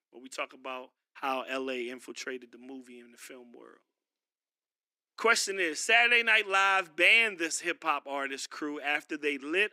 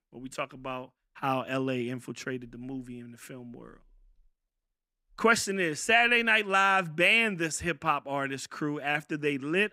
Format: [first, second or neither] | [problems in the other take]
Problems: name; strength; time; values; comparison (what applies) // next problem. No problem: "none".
second | thin; very slightly; fading below 300 Hz